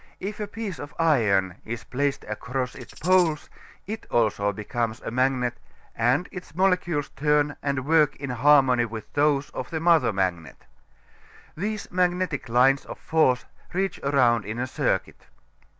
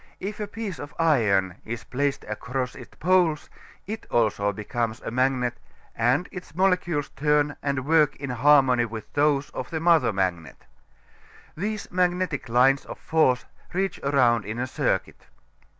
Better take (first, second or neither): second